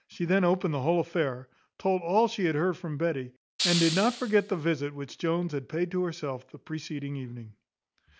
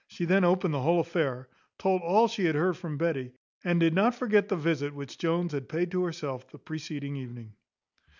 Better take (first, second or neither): second